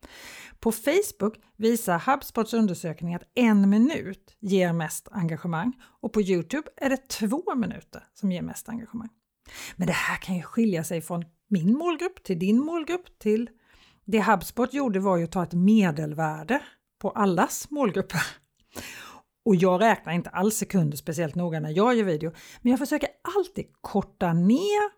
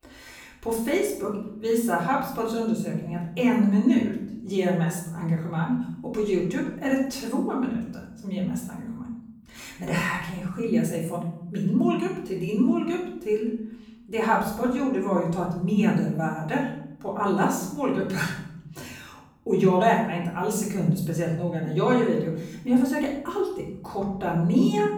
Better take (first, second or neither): first